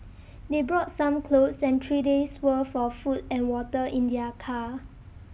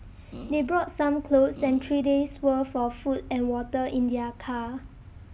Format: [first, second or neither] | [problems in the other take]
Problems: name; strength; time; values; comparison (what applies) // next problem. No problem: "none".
first | background sound (Fart); 16 dB below the speech